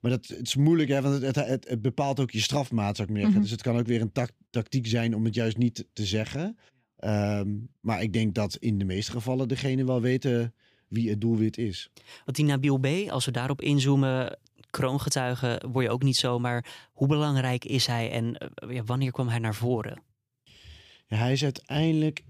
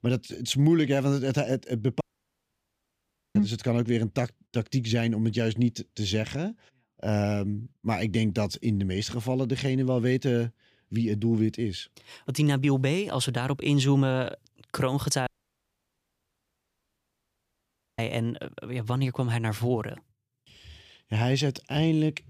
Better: first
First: none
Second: audio cutting out; at 2 s for 1.5 s and at 15 s for 2.5 s

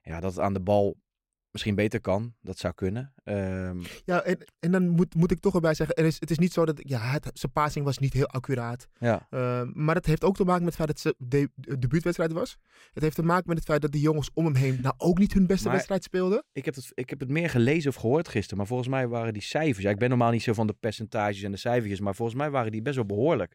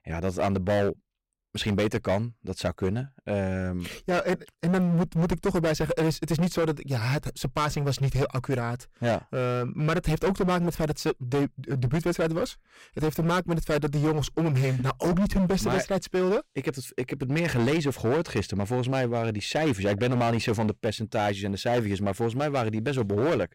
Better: first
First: none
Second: distortion; heavy; 16% of the sound clipped

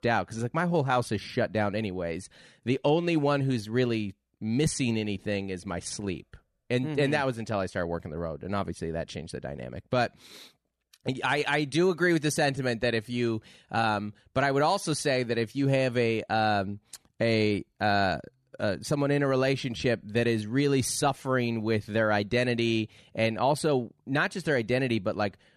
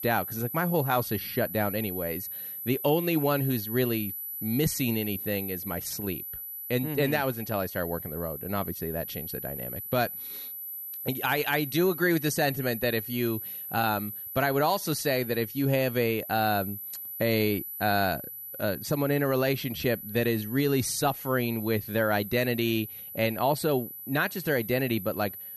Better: first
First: none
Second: high-pitched whine; loud; throughout; 12 kHz, 7 dB below the speech

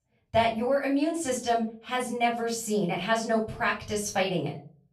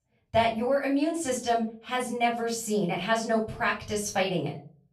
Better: neither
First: off-mic speech; far // room echo; slight; dies away in 0.4 s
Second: off-mic speech; far // room echo; slight; dies away in 0.4 s

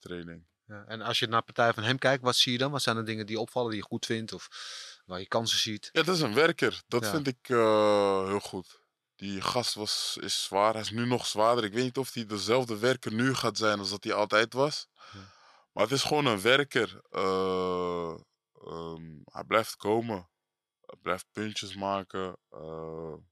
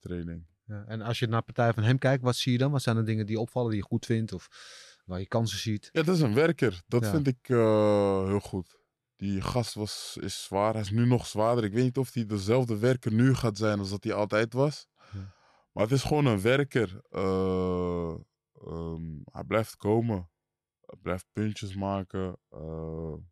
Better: second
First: thin; somewhat; fading below 1 kHz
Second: none

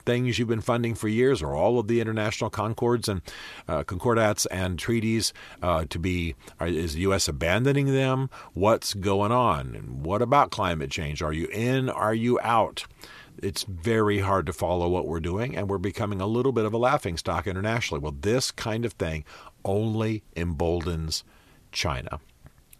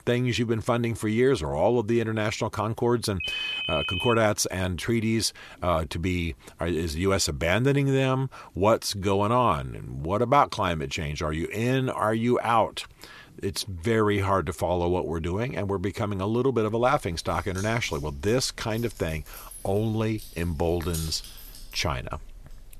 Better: first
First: none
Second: phone ringing; noticeable; at 3 s; peak 1 dB below the speech // jangling keys; noticeable; from 17 s on; peak 10 dB below the speech

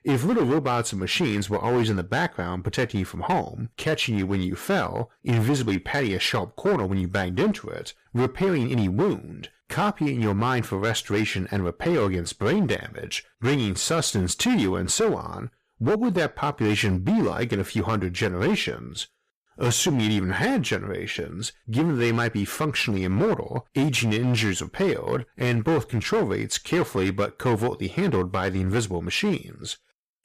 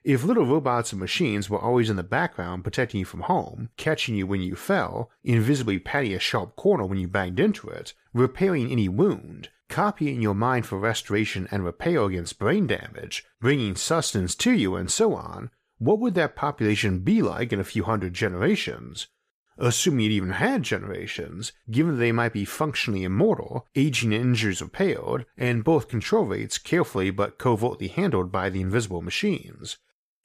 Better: second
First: distortion; slight; 11% of the sound clipped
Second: none

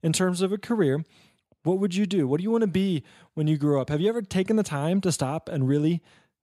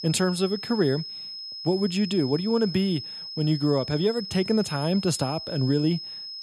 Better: first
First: none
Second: high-pitched whine; loud; throughout; 5 kHz, 9 dB below the speech

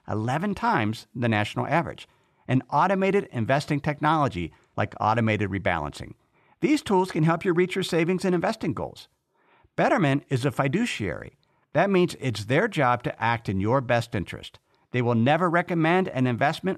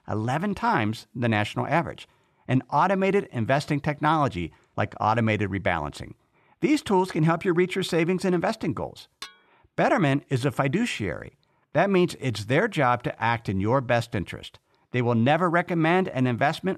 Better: first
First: none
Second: clattering dishes; faint; at 9 s; peak 15 dB below the speech

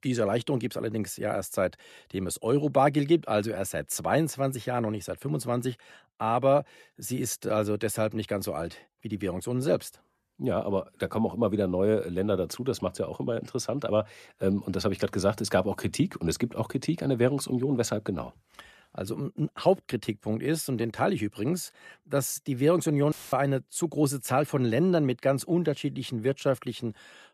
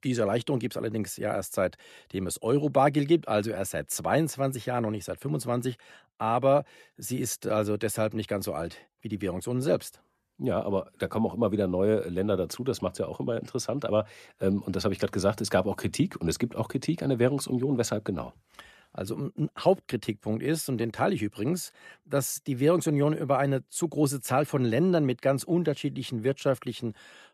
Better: second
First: audio cutting out; filled with static; at 23 s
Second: none

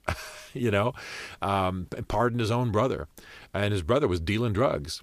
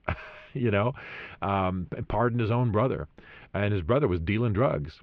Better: first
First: none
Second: muffled; very; fading above 2.5 kHz

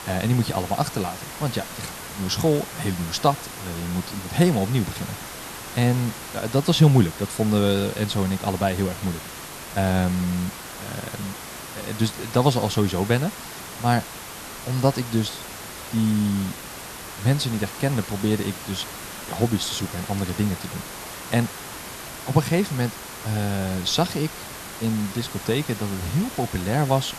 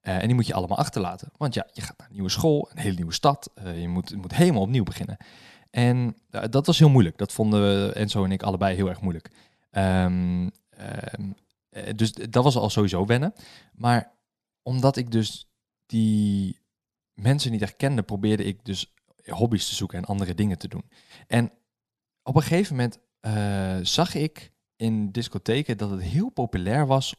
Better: second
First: hiss; noticeable; throughout; 10 dB below the speech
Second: none

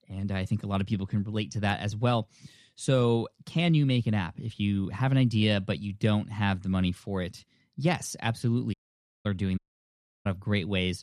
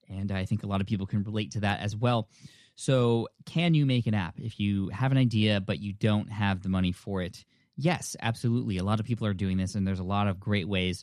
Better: second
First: audio cutting out; at 8.5 s for 0.5 s and at 9.5 s for 0.5 s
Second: none

